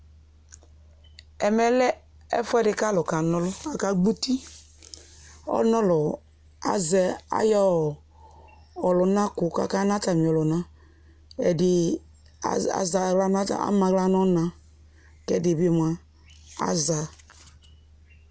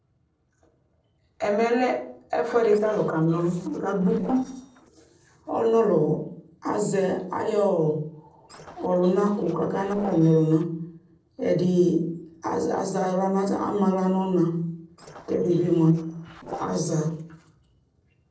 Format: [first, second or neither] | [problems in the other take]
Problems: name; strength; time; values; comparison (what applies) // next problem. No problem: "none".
first | noise reduction (neural separator model SepFormer DNS4)